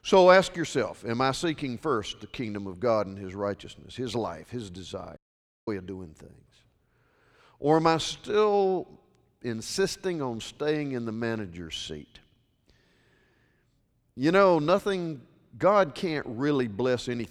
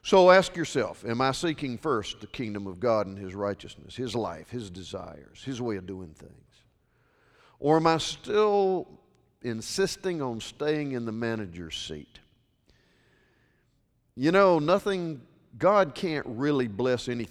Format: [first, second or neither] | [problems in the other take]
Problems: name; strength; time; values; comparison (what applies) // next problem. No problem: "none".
second | audio cutting out; at 5 s for 0.5 s